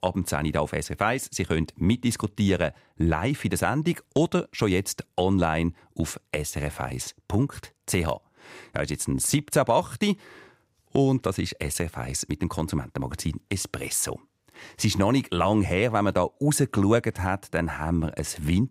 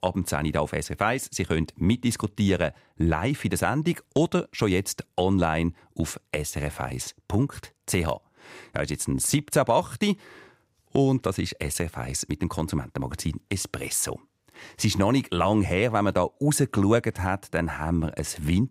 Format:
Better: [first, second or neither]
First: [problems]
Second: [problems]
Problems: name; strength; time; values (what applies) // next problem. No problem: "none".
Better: neither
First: none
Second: none